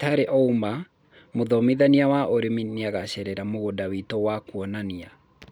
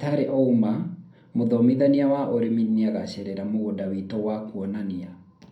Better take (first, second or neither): first